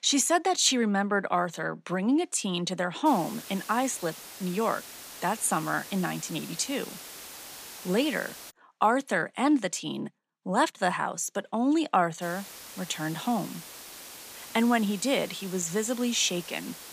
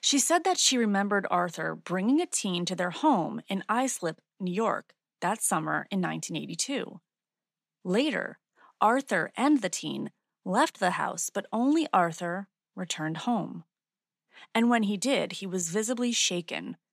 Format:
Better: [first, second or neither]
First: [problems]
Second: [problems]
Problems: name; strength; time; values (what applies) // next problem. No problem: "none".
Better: second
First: hiss; noticeable; from 3 to 8.5 s and from 12 s on; 15 dB below the speech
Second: none